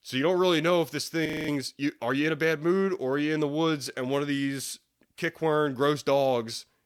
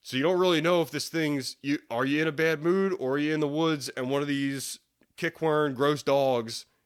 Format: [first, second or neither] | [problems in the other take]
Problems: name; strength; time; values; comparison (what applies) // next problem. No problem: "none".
second | audio freezing; at 1.5 s